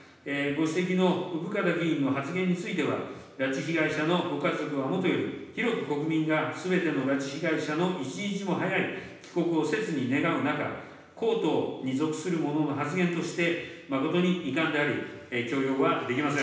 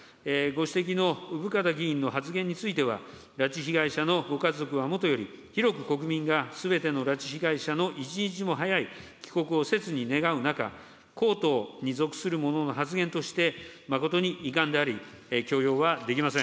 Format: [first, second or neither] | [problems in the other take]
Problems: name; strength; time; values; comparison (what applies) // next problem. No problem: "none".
second | room echo; dies away in 0.9 s